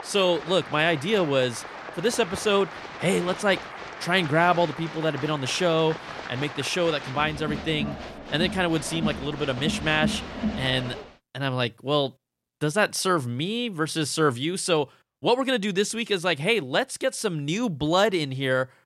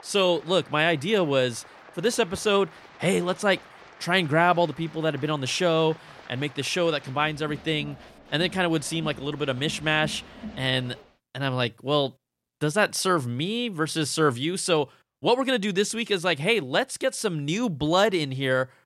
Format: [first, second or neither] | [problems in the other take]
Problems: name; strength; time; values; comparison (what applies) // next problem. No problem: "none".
second | crowd noise; loud; until 11 s; 10 dB below the speech; faint in the second